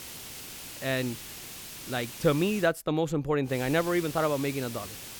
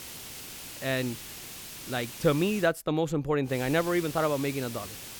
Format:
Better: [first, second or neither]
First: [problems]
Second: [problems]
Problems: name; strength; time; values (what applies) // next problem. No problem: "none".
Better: neither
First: hiss; noticeable; until 2.5 s and from 3.5 s on; 10 dB below the speech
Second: hiss; noticeable; until 2.5 s and from 3.5 s on; 10 dB below the speech